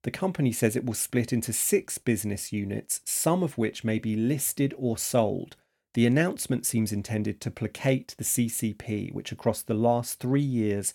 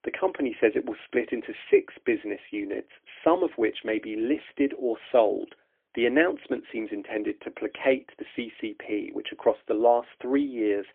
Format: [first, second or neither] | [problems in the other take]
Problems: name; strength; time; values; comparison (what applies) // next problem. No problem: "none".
first | phone-call audio; poor line; nothing above 3.5 kHz